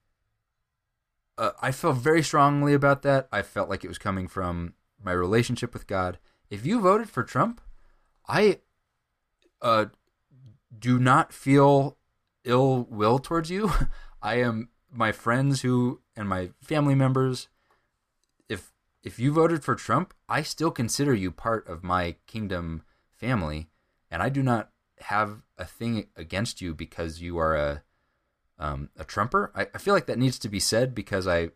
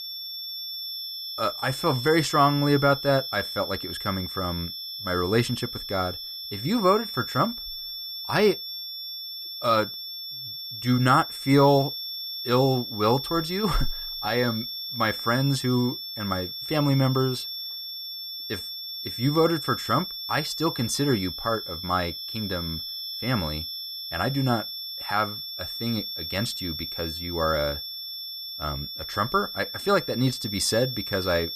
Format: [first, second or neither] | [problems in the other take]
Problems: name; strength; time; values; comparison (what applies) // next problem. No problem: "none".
first | high-pitched whine; loud; throughout; 5.5 kHz, 6 dB below the speech